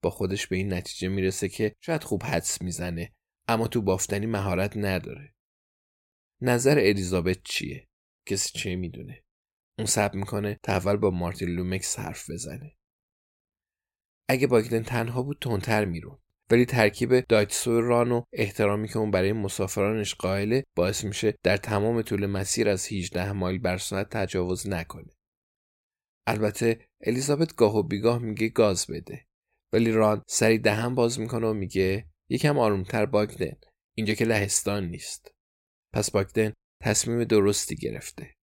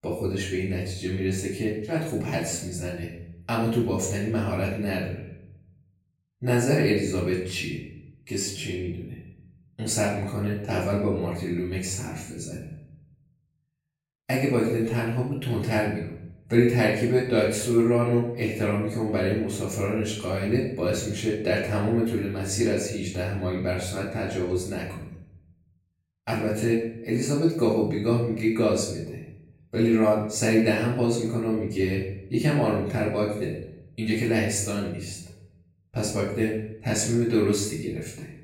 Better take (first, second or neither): first